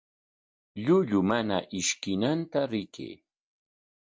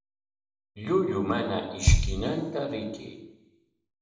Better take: first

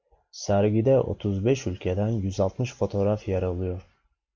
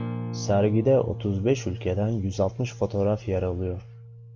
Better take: first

